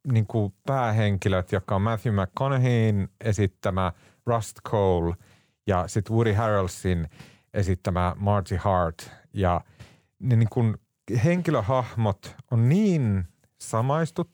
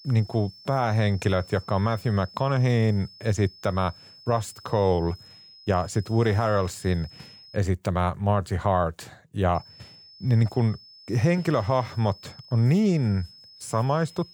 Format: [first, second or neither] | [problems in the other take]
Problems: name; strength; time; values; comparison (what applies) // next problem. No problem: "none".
first | high-pitched whine; faint; until 7.5 s and from 9.5 s on; 5 kHz, 20 dB below the speech